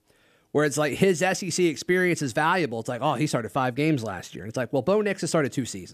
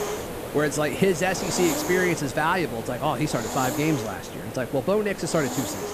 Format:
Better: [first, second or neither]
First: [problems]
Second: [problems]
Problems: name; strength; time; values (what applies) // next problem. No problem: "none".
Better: first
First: none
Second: hiss; loud; throughout; 6 dB below the speech